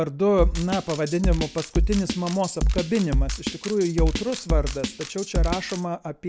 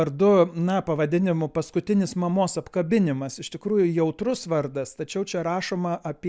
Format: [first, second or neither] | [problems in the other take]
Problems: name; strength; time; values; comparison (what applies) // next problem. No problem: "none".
second | background sound (Drum kit); as loud as the speech